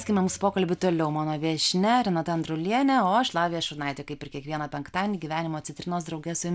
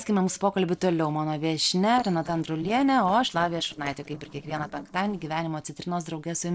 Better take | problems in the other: first | noise reduction (neural separator model SepFormer DNS4)

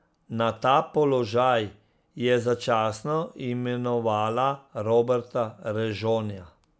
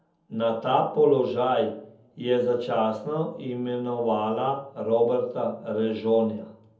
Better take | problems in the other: first | room echo; dies away in 0.7 s

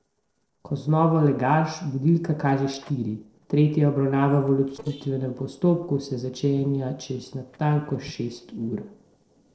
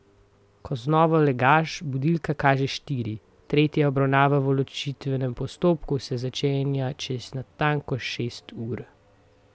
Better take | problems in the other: second | noise reduction (neural separator model SepFormer DNS4)

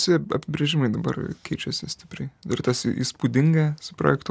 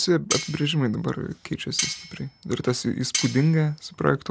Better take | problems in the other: first | background sound (Cutlery, silverware); 7 dB below the speech

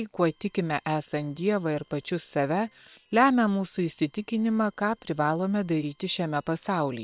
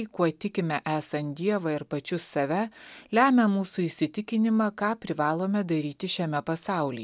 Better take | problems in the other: second | noise reduction (neural separator model SepFormer WHAM!)

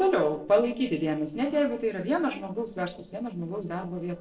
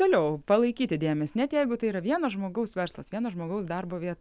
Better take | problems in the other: second | noise reduction (neural separator model SepFormer DNS4)

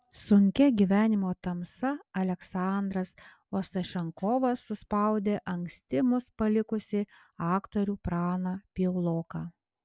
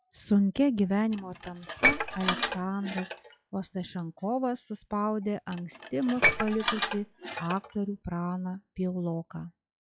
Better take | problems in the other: first | noise reduction (classical method log-MMSE)

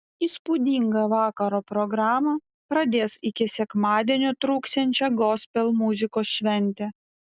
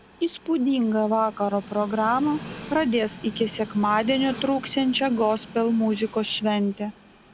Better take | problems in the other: first | background sound (Train); 17 dB below the speech

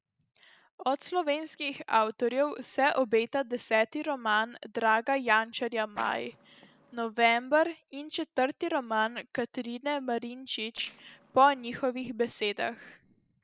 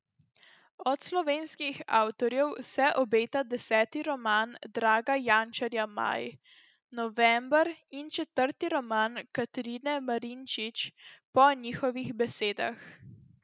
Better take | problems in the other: second | noise reduction (neural separator model SepFormer DNS4)

